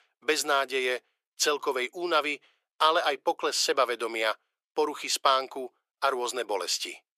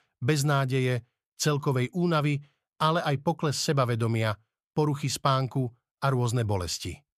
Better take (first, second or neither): second